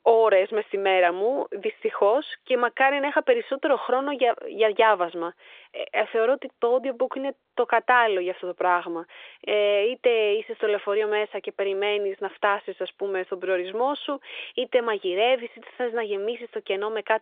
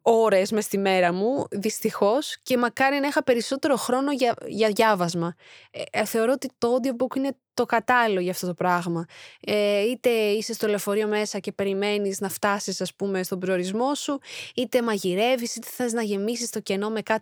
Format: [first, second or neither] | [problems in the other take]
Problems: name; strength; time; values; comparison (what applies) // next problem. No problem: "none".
second | phone-call audio; nothing above 3.5 kHz